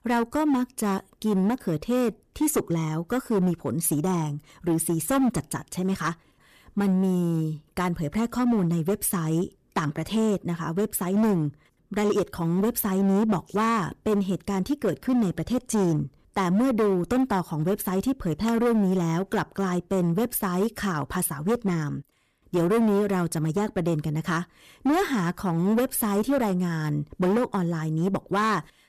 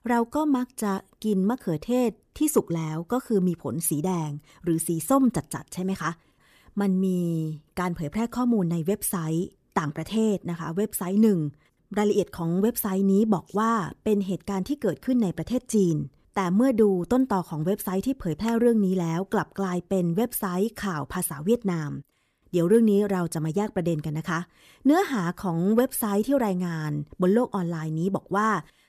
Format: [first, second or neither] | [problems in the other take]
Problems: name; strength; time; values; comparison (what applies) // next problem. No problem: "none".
second | distortion; slight; 11% of the sound clipped